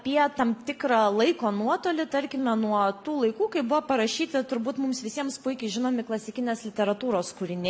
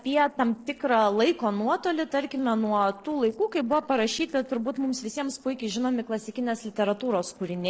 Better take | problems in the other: first | noise reduction (neural separator model SepFormer DNS4)

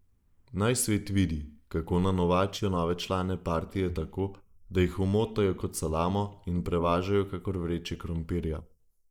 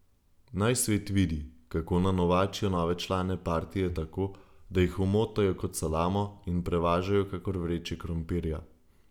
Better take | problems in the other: second | noise reduction (neural mask model Resemble Enhance denoiser)

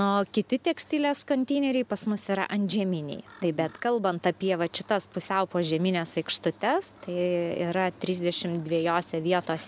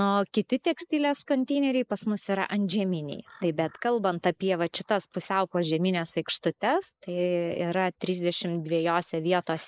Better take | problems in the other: first | noise reduction (neural mask model Resemble Enhance denoiser)

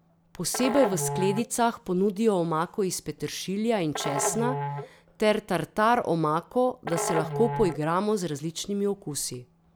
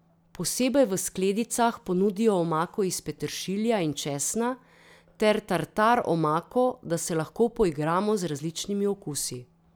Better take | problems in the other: second | background sound (Musical instrument); 8 dB below the speech

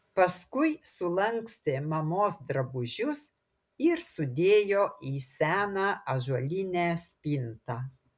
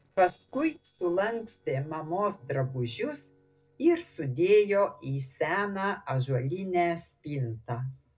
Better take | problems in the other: first | noise reduction (neural separator model SepFormer DNS4)

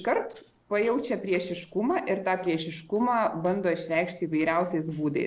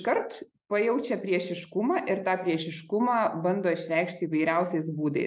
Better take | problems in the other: second | noise reduction (neural separator model SepFormer DNS4)

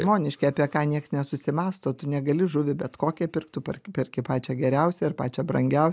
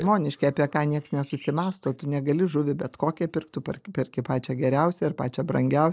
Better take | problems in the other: first | noise reduction (neural separator model SepFormer DNS4)

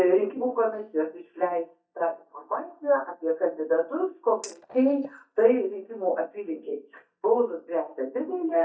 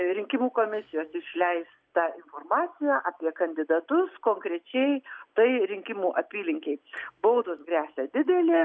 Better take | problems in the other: second | noise reduction (neural mask model DeepFilterNet 3)

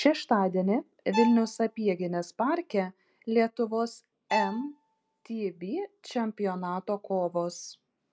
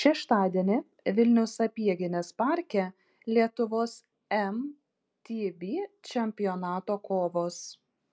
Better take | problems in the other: second | background sound (Bowed string instrument); 8 dB below the speech

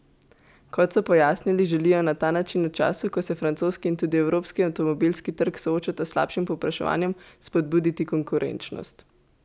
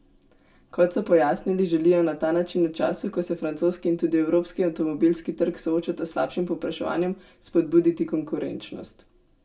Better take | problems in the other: first | room echo; dies away in 0.2 s

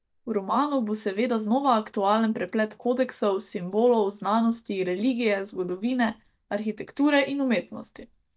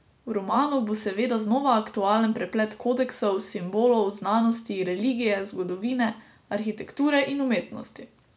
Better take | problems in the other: second | noise reduction (neural mask model DeepFilterNet 3)

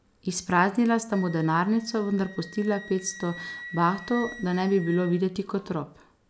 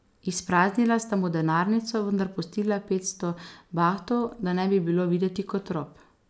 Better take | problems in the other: second | background sound (Wind instrument, woodwind instrument); 18 dB below the speech

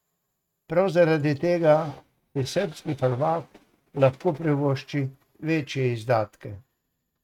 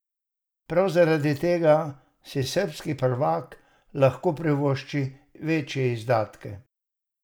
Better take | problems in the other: second | noise reduction (neural mask model RNNoise)

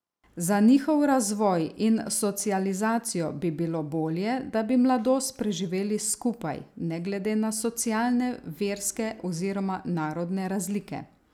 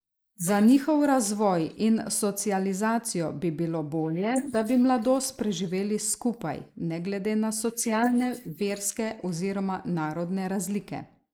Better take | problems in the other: first | noise reduction (neural mask model Resemble Enhance denoiser)

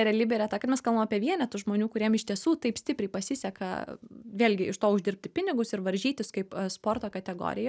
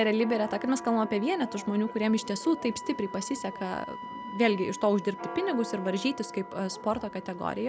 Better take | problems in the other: first | background sound (Wind instrument, woodwind instrument + Church bell); 12 dB below the speech

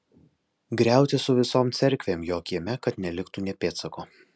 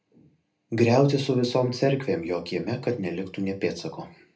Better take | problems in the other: first | room echo; dies away in 0.3 s

